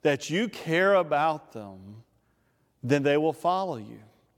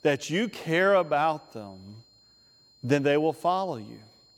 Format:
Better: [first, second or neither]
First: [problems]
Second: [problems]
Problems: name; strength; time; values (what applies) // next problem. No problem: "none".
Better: first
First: none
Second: high-pitched whine; faint; throughout; 4 kHz, 30 dB below the speech